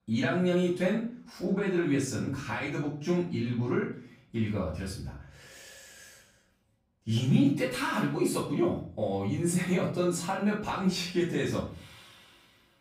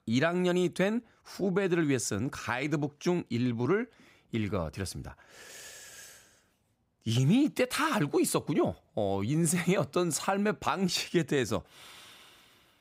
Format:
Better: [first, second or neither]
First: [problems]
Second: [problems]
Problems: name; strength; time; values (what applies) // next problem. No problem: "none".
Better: second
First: off-mic speech; far // room echo; noticeable; dies away in 0.5 s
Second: none